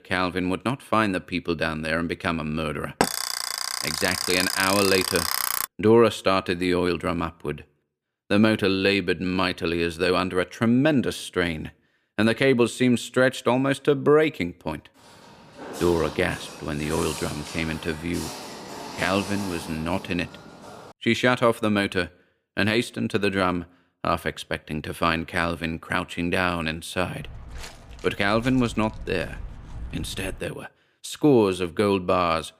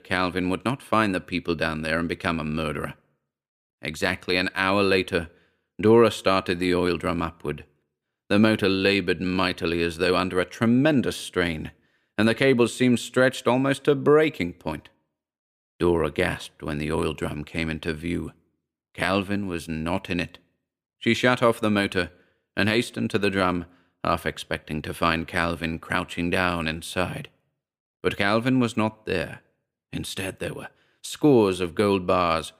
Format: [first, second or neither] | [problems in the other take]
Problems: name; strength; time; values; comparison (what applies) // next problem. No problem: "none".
second | alarm; loud; from 3 to 5.5 s; peak 1 dB above the speech // footsteps; noticeable; from 15 to 21 s; peak 8 dB below the speech // footsteps; faint; from 27 to 30 s; peak 15 dB below the speech